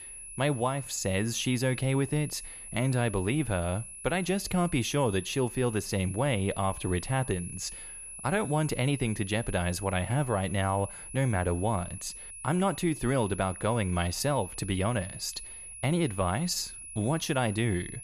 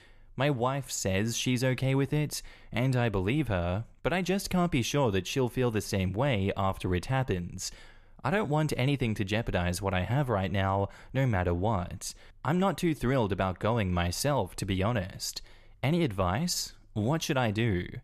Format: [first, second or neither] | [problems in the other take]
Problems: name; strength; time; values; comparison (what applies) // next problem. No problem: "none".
second | high-pitched whine; noticeable; throughout; 10.5 kHz, 10 dB below the speech